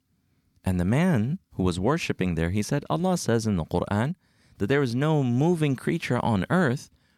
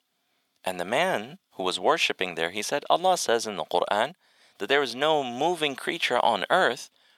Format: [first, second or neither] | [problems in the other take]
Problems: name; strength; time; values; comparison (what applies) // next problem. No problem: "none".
first | thin; very; fading below 600 Hz